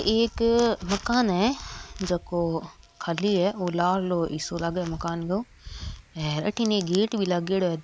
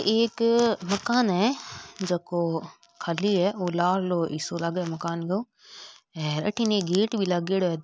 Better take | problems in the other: second | background sound (Wind); 18 dB below the speech

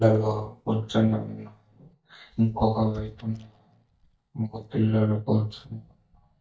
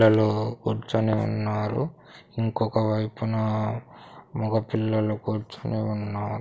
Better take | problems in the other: second | noise reduction (neural mask model DeepFilterNet 3)

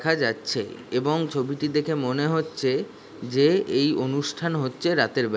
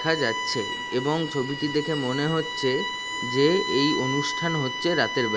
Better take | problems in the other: first | background sound (Bowed string instrument); 5 dB below the speech

